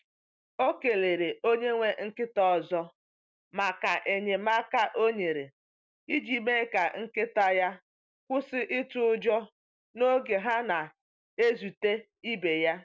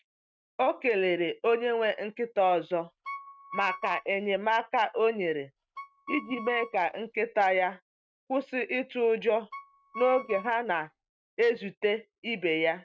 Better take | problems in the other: first | noise reduction (neural mask model RNNoise)

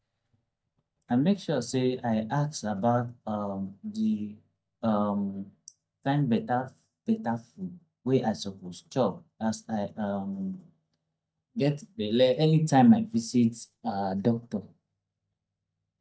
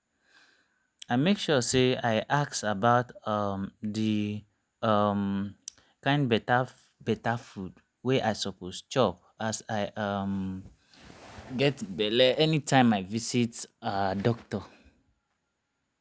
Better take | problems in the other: second | noise reduction (neural mask model DeepFilterNet 3)

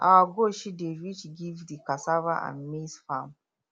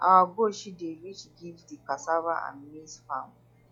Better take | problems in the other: first | noise reduction (classical method log-MMSE)

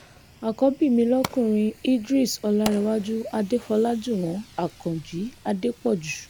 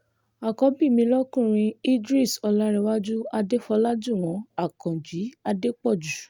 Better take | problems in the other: second | background sound (Fire); 17 dB below the speech

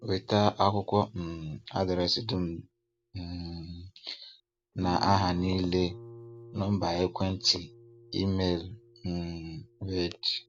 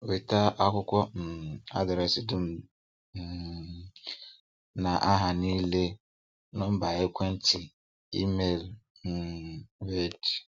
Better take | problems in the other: second | background sound (Guitar); 18 dB below the speech

